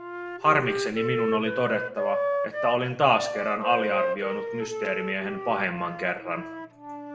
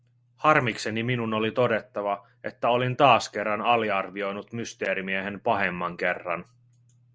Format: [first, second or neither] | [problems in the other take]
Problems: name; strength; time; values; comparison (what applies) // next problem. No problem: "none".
second | background sound (Wind instrument, woodwind instrument); 3 dB below the speech // room echo; dies away in 0.7 s